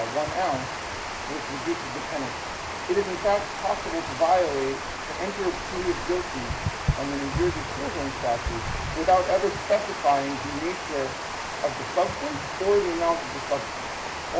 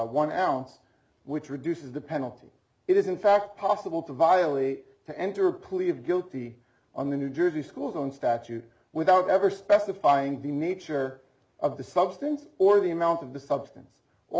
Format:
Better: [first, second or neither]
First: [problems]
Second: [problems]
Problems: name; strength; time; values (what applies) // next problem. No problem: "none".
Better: second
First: background sound (Water); 4 dB below the speech // room echo; dies away in 0.2 s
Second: none